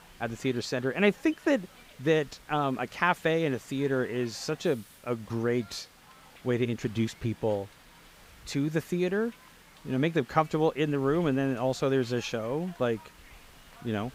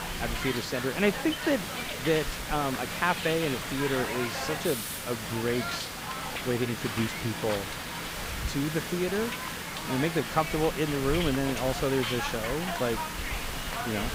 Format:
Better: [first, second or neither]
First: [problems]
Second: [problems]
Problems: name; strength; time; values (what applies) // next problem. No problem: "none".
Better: first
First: hiss; faint; throughout; 25 dB below the speech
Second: hiss; loud; throughout; 3 dB below the speech